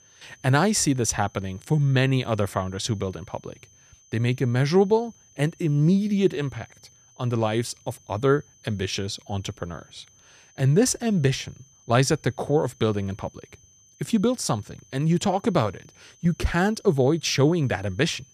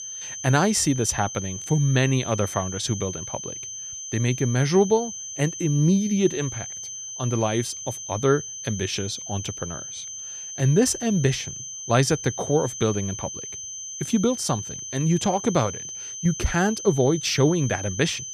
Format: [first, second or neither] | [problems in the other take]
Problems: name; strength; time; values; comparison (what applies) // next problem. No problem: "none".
first | high-pitched whine; loud; throughout; 6 kHz, 9 dB below the speech; faint in the first